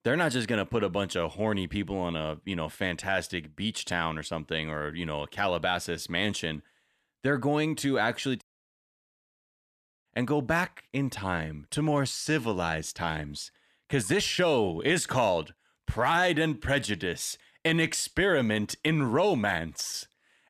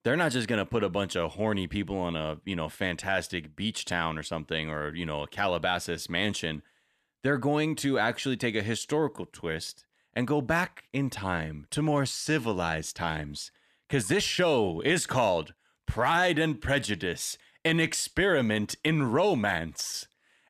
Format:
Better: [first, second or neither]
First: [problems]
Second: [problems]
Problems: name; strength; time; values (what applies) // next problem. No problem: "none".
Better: second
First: audio cutting out; at 8.5 s for 1.5 s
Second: none